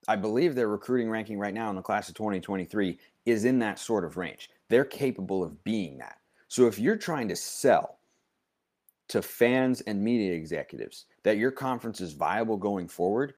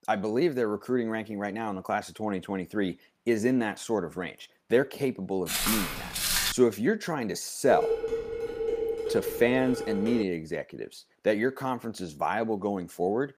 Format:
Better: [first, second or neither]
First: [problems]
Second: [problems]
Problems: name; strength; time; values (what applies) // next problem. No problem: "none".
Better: first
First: none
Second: footsteps; loud; from 5.5 to 6.5 s; peak 4 dB above the speech // clattering dishes; loud; from 7.5 to 10 s; peak level with the speech